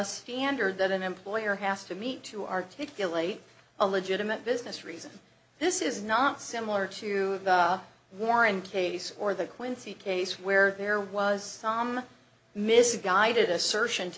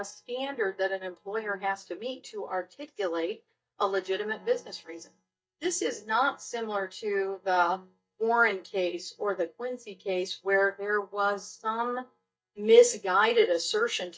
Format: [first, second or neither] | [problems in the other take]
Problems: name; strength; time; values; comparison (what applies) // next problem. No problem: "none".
first | noise reduction (neural mask model DeepFilterNet 3)